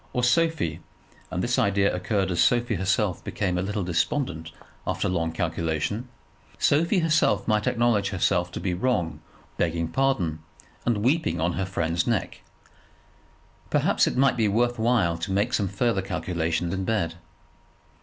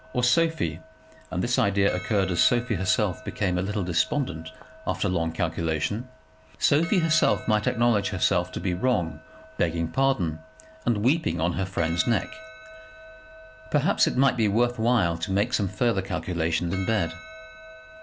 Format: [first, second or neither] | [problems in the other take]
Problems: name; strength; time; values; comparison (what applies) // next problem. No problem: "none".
first | background sound (Percussion); 19 dB below the speech